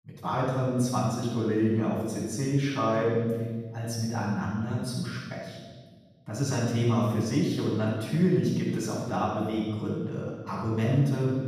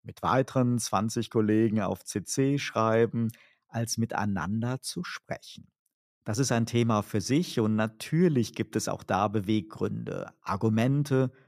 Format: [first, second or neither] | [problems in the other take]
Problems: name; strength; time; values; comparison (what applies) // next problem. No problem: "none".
second | off-mic speech; far // room echo; strong; dies away in 1.4 s